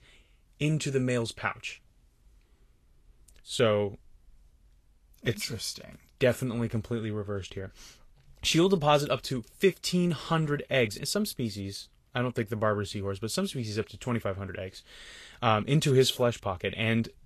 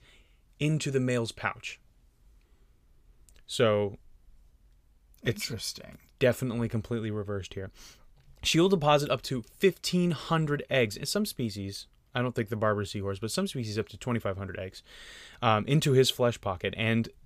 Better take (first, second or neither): second